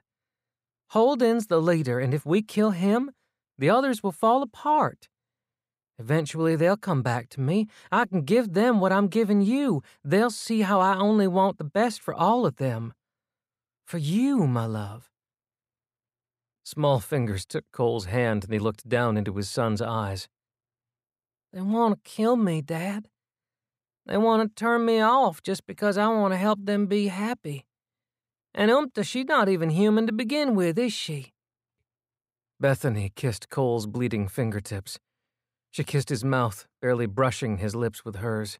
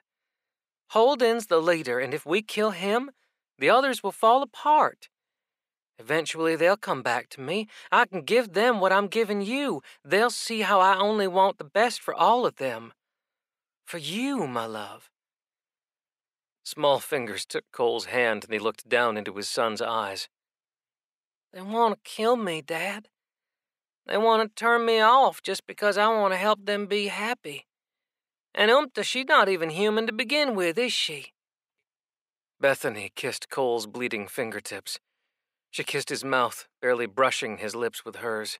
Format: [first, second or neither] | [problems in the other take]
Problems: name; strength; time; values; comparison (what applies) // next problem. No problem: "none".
first | thin; somewhat; fading below 400 Hz